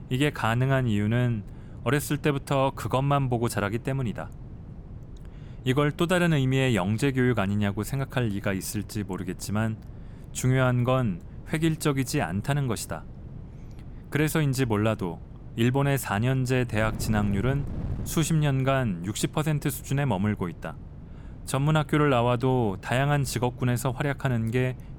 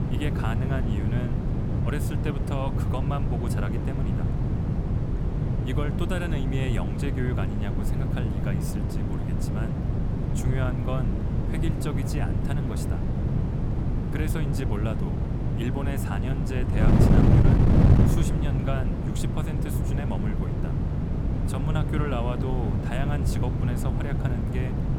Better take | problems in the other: first | wind noise on the microphone; heavy; 1 dB above the speech; occasional gusts in the first

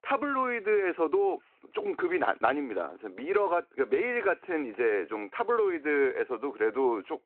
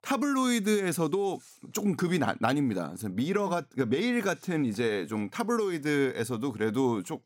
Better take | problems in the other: second | phone-call audio

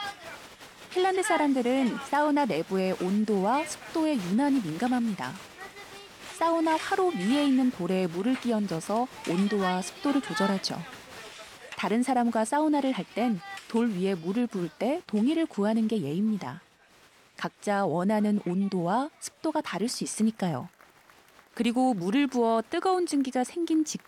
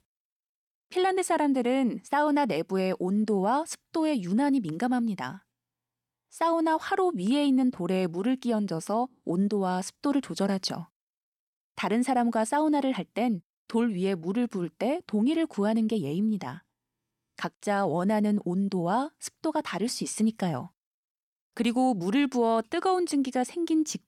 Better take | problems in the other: second | crowd noise; noticeable; throughout; 15 dB below the speech

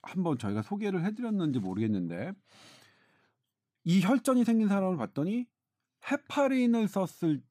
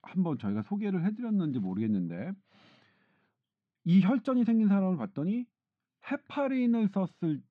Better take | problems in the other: first | muffled; slightly; fading above 3.5 kHz

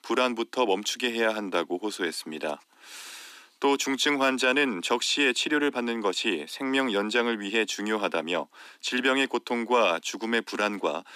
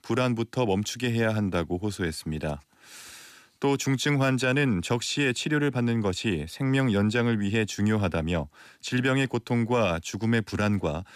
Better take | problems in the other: second | thin; somewhat; fading below 250 Hz

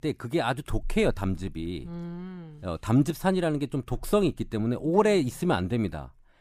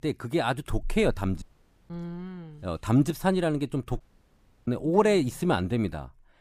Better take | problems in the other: first | audio cutting out; at 1.5 s and at 4 s for 0.5 s

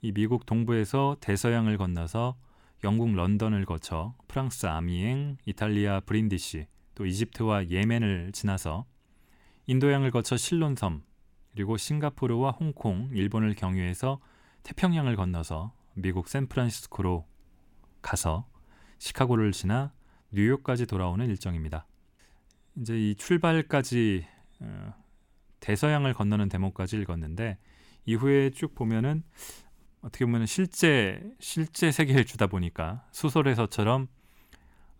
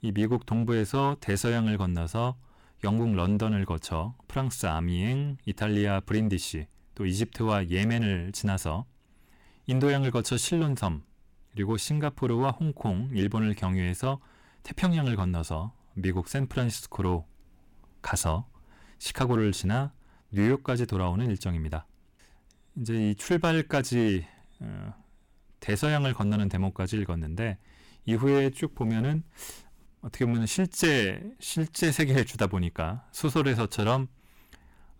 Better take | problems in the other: first | distortion; slight; 5% of the sound clipped

